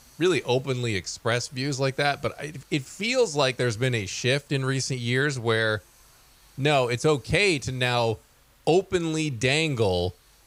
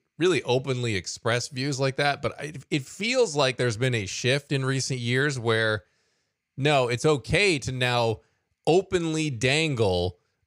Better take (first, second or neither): second